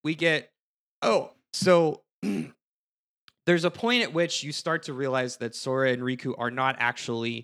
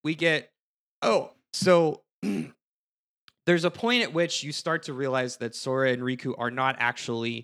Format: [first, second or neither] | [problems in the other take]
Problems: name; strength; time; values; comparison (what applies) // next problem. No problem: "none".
neither | none